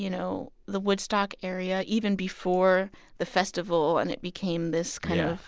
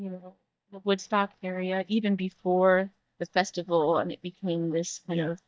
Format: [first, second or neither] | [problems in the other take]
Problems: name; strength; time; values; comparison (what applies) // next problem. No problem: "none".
first | noise reduction (neural mask model DeepFilterNet 3)